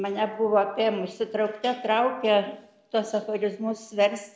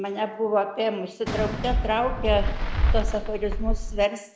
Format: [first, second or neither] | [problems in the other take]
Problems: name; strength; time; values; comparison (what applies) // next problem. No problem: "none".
first | background sound (Fireworks); 2 dB above the speech